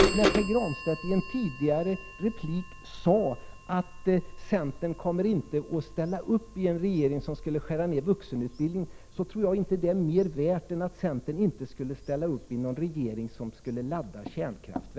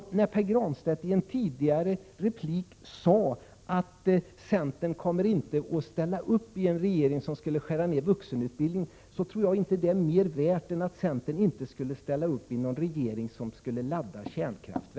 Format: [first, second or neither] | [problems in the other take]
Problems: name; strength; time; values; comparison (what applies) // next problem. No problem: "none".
second | background sound (Bird vocalization, bird call, bird song / Telephone); 8 dB below the speech